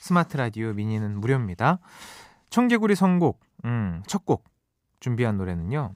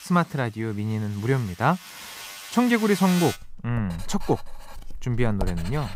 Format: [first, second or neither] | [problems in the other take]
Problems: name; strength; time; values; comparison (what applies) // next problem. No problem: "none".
first | household noises; noticeable; throughout; 10 dB below the speech